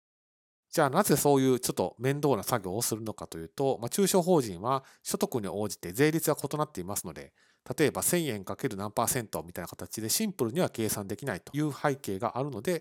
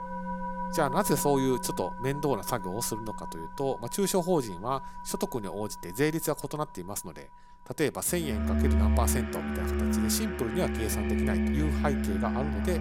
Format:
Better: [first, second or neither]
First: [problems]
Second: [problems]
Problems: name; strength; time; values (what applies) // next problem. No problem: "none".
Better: first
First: none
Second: background music; loud; throughout; as loud as the speech